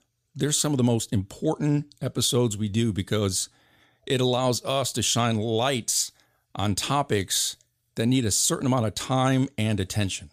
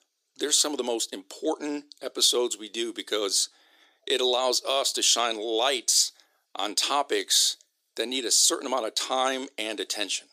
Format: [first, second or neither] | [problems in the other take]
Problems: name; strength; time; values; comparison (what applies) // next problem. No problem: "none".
first | thin; very; fading below 350 Hz